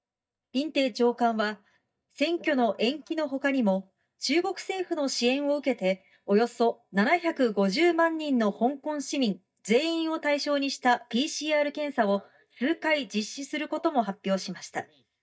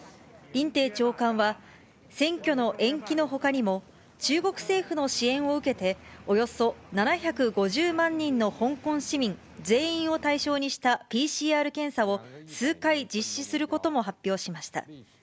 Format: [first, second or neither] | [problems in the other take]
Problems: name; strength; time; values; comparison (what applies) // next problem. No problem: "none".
second | noise reduction (neural mask model DeepFilterNet 3)